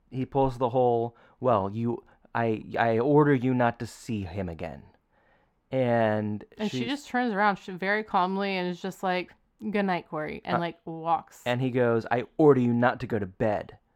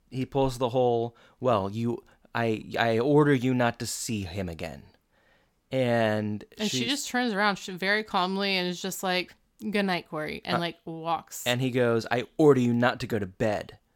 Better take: second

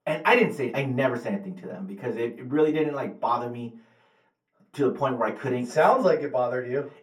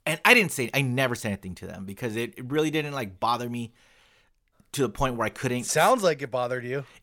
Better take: second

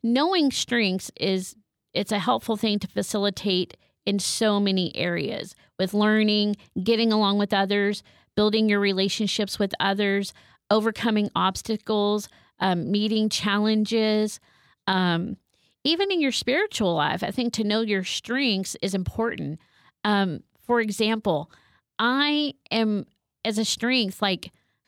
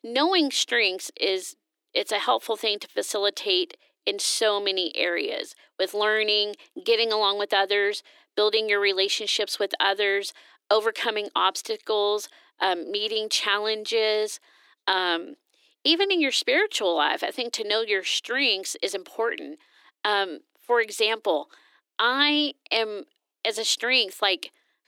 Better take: first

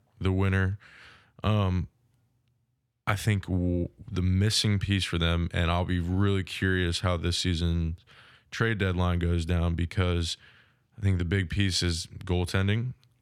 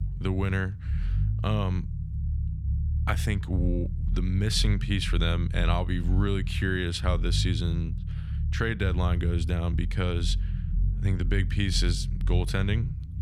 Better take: first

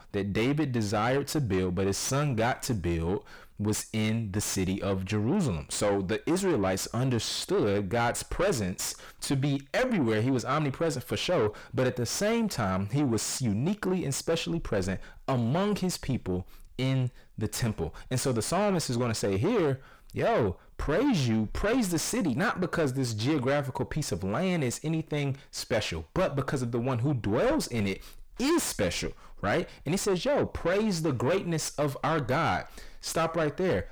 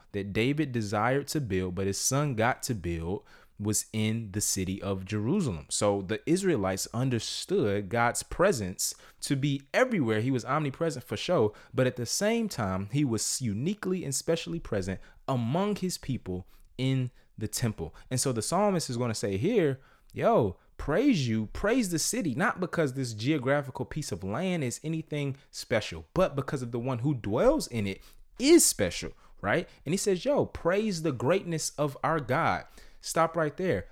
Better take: second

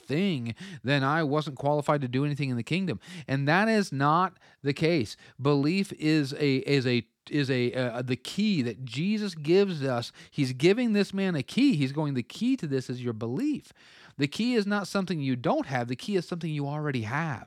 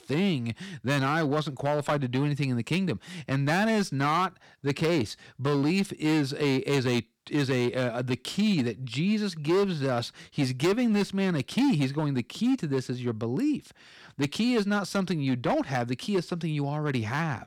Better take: first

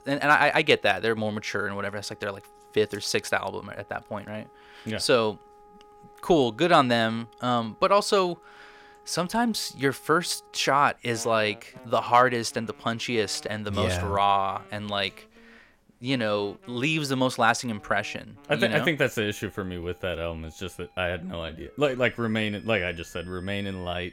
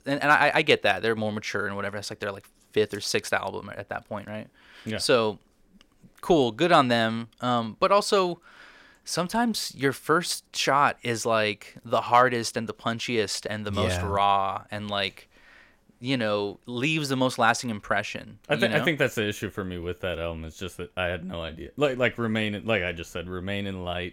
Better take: second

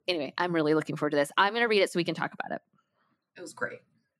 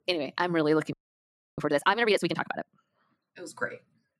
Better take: first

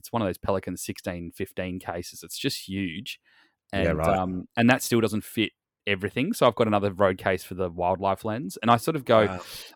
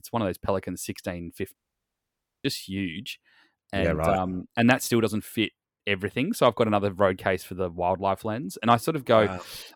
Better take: first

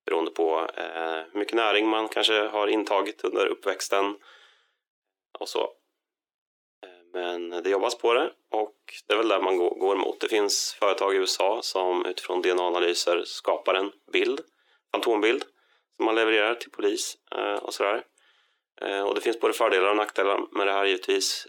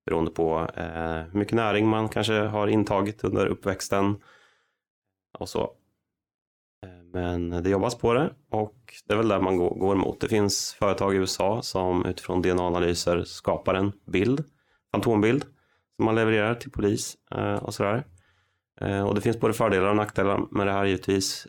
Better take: second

